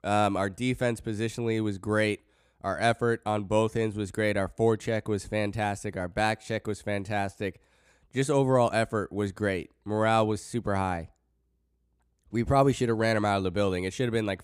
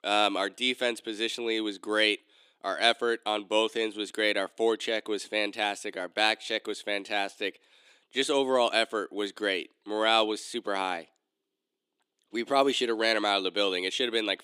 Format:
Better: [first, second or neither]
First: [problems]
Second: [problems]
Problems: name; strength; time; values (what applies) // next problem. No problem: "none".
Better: first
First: none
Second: thin; somewhat; fading below 300 Hz